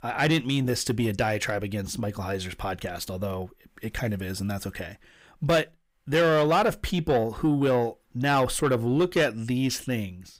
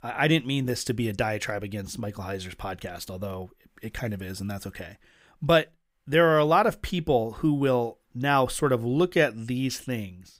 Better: second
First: distortion; slight; 10 dB below the speech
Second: none

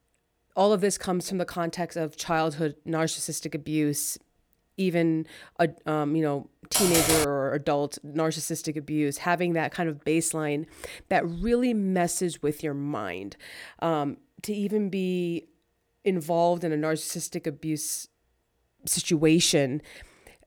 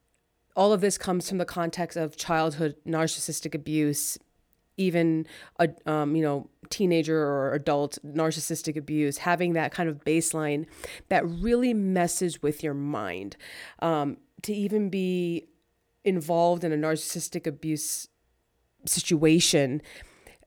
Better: second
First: keyboard typing; loud; at 6.5 s; peak 5 dB above the speech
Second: none

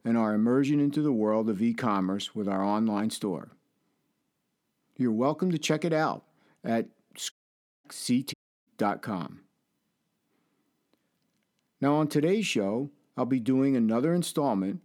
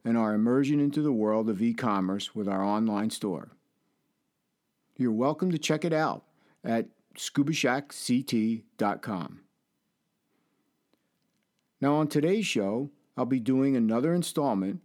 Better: second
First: audio cutting out; at 7.5 s for 0.5 s and at 8.5 s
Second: none

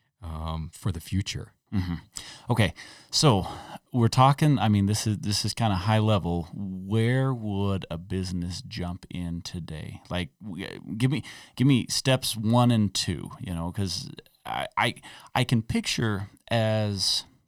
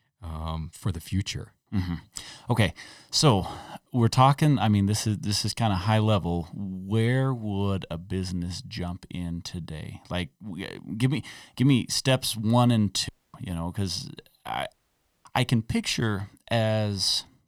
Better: first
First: none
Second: audio cutting out; at 13 s and at 15 s for 0.5 s

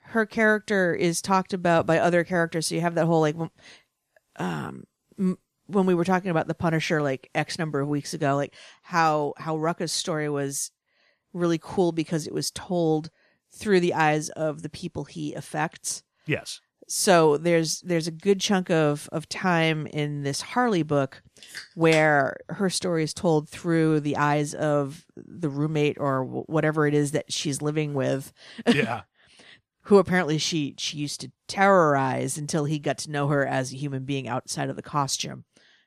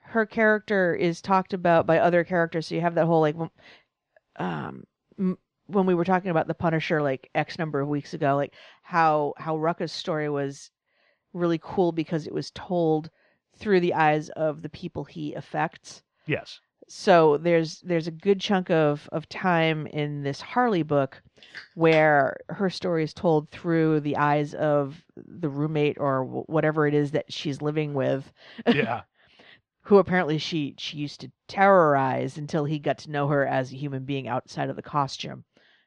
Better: first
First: none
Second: muffled; slightly; fading above 4 kHz

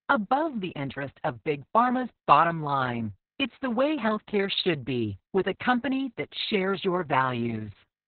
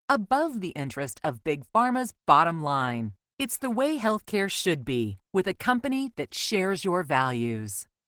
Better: second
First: garbled, watery; badly; nothing above 4 kHz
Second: garbled, watery; slightly; nothing above 19 kHz

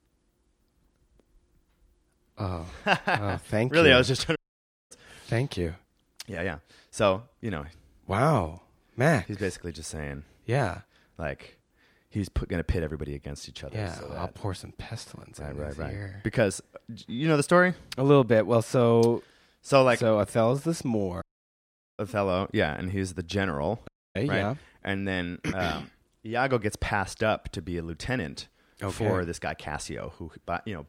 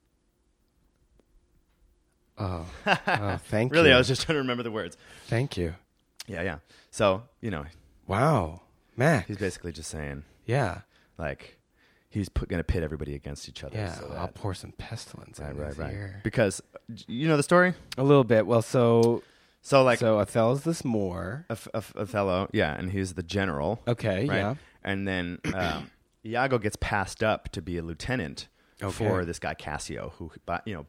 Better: second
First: audio cutting out; at 4.5 s for 0.5 s, at 21 s for 1 s and at 24 s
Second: none

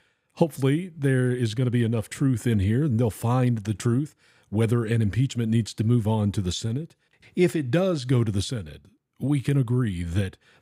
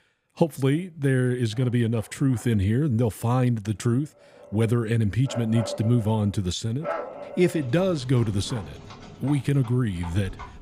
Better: first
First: none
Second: animal sounds; noticeable; throughout; 15 dB below the speech

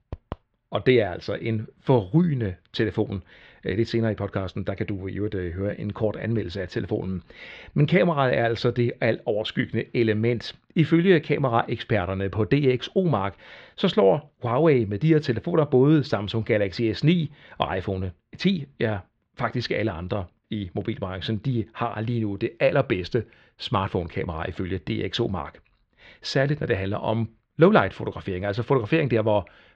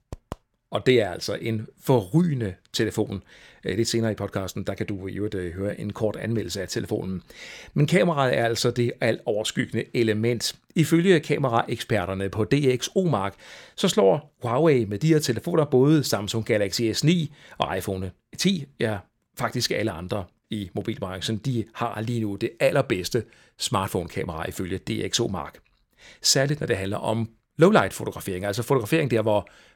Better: second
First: muffled; slightly; fading above 3.5 kHz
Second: none

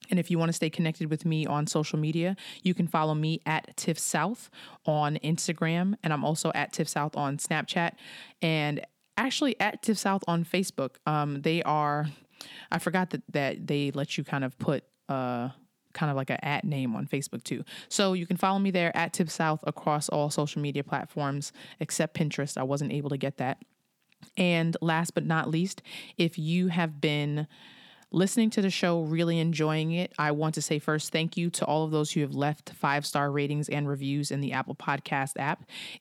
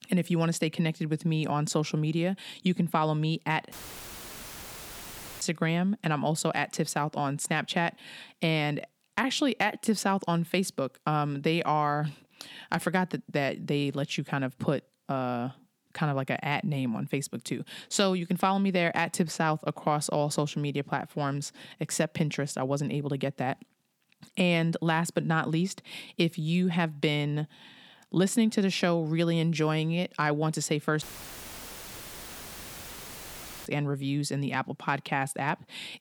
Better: first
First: none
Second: audio cutting out; filled with static; at 3.5 s for 1.5 s and at 31 s for 2.5 s

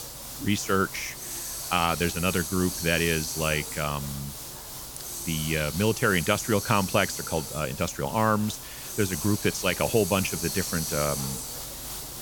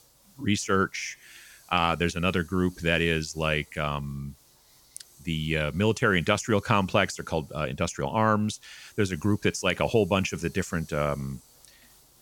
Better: second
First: hiss; loud; throughout; 6 dB below the speech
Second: hiss; faint; throughout; 25 dB below the speech

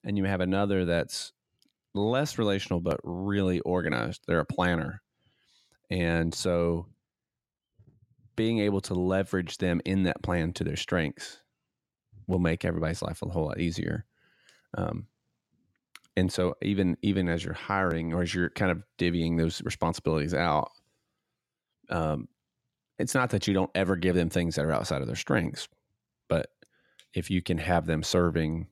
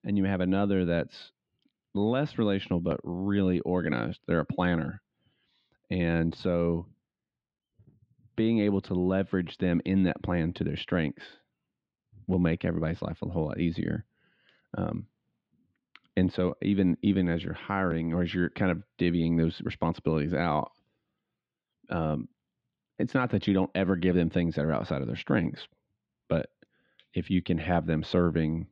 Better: first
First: none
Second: muffled; slightly; fading above 3.5 kHz

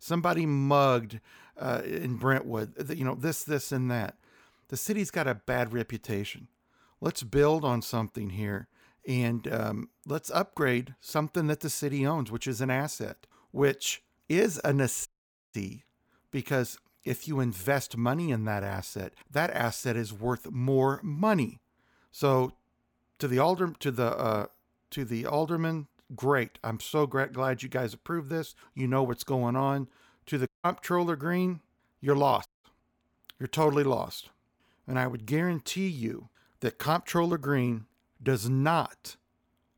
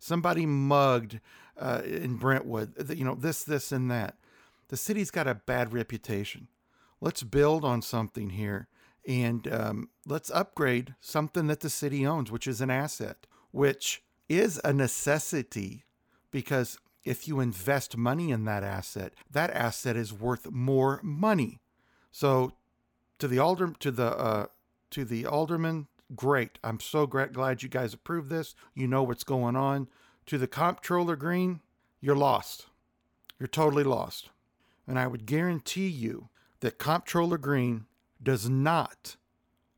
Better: second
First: audio cutting out; at 15 s, at 30 s and at 32 s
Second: none

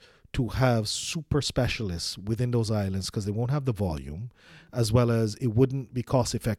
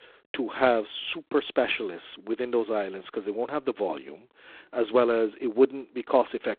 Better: first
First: none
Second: phone-call audio; poor line

